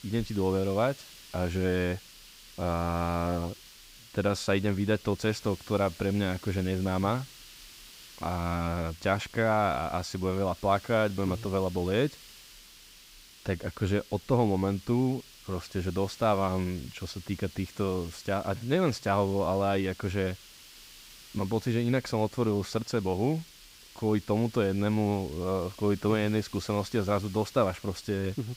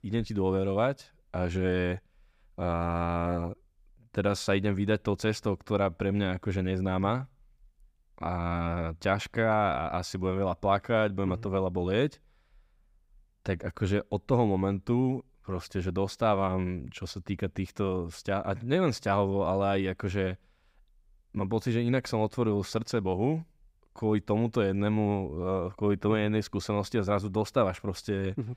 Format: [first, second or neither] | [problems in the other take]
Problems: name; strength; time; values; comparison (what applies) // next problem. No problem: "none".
second | hiss; noticeable; throughout; 20 dB below the speech